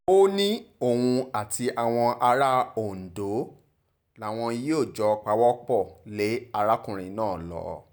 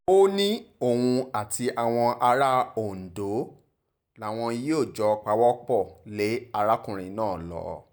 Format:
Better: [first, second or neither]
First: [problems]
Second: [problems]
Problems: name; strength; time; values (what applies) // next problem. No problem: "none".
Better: first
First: none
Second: noise reduction (neural mask model Resemble Enhance denoiser)